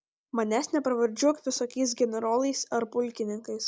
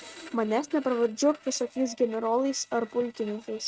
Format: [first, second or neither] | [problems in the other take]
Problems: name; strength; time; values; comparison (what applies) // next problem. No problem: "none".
first | noise reduction (neural mask model RNNoise)